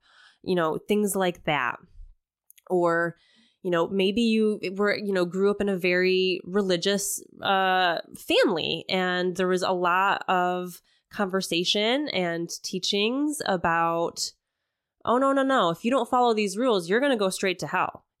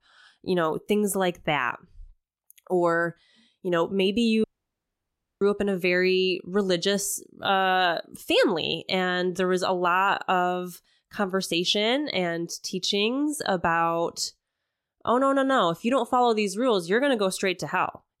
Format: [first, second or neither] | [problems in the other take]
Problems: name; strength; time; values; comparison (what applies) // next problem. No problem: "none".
first | audio cutting out; at 4.5 s for 1 s